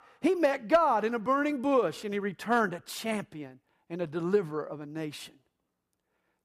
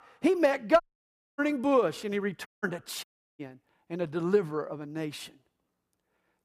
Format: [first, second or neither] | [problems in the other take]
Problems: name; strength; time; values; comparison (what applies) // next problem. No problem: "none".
first | audio cutting out; at 1 s for 0.5 s, at 2.5 s and at 3 s